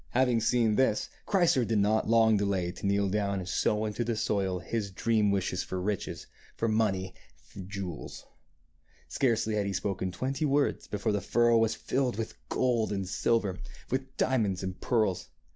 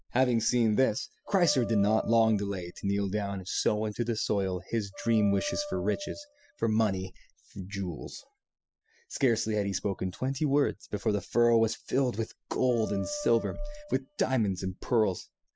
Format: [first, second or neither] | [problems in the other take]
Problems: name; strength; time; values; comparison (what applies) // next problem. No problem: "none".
first | noise reduction (classical method spectral subtraction)